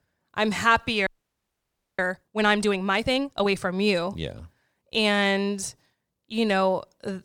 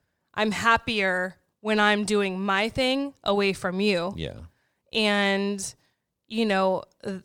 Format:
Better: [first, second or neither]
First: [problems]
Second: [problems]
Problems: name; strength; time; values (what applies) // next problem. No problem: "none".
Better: second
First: audio freezing; at 1 s for 1 s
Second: none